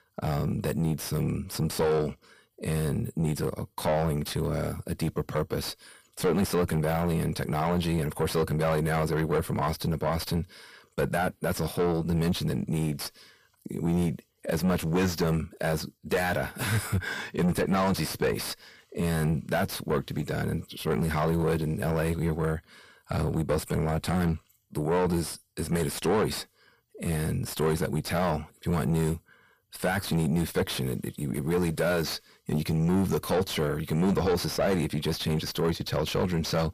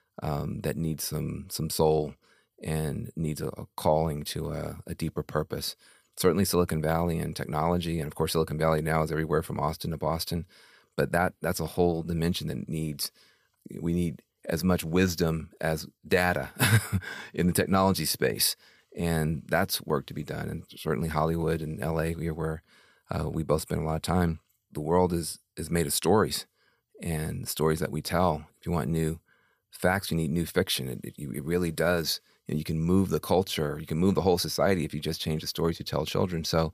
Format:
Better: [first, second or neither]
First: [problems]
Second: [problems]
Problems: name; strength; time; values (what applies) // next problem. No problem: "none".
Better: second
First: distortion; heavy; 6 dB below the speech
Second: none